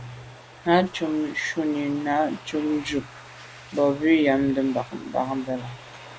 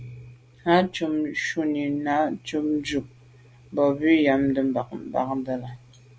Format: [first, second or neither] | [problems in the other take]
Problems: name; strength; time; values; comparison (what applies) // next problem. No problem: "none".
second | background sound (Domestic sounds, home sounds); 19 dB below the speech